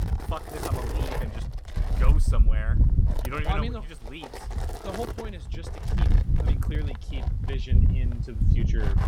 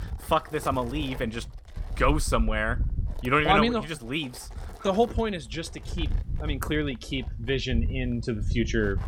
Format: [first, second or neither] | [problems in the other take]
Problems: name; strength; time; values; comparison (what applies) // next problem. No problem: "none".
second | wind noise on the microphone; heavy; 1 dB below the speech; occasional gusts in the second